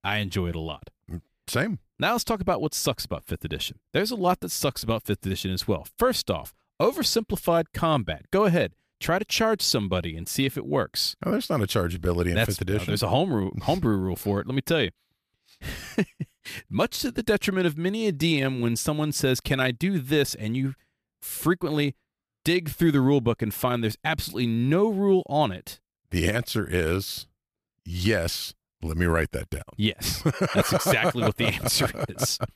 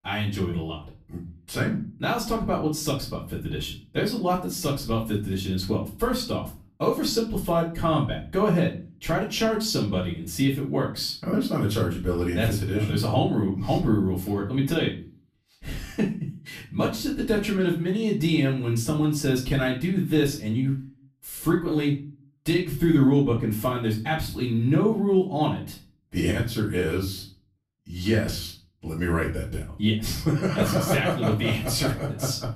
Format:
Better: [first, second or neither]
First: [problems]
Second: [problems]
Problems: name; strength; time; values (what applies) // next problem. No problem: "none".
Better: first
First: none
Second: off-mic speech; far // room echo; slight; dies away in 0.4 s